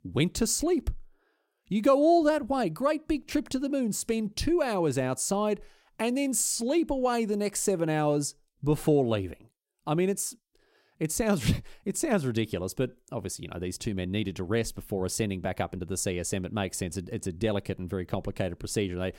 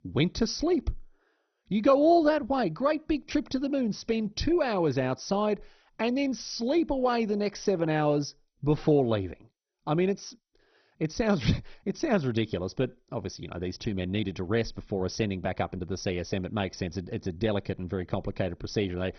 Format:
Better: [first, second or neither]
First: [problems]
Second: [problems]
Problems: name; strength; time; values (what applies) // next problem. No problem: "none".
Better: first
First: none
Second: garbled, watery; badly; nothing above 6 kHz